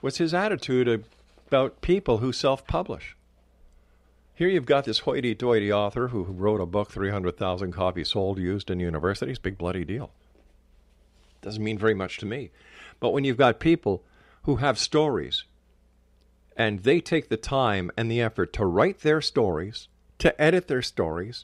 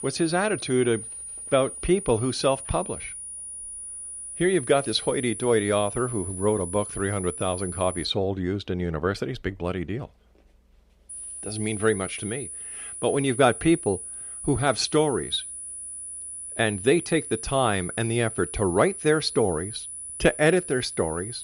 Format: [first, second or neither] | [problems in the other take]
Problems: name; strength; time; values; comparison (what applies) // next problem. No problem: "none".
first | high-pitched whine; loud; until 8 s and from 11 s on; 10 kHz, 9 dB below the speech